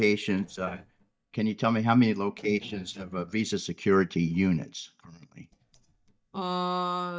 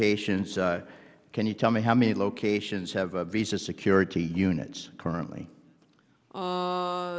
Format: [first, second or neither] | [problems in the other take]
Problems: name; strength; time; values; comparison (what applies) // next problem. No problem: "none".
second | noise reduction (neural mask model DeepFilterNet 3)